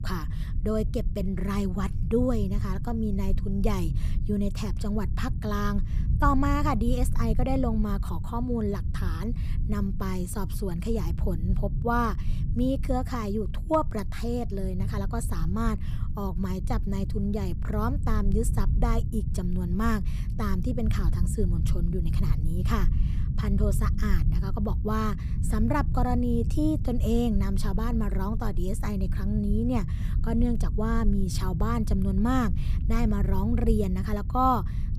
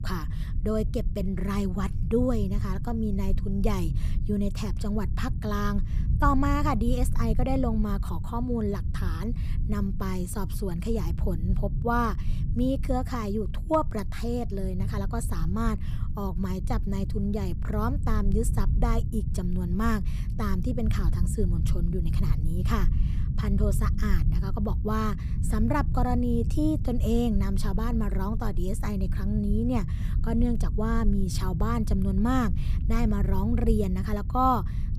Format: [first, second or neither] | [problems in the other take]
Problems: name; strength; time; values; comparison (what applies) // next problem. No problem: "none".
neither | low rumble; noticeable; throughout; 15 dB below the speech; the same in both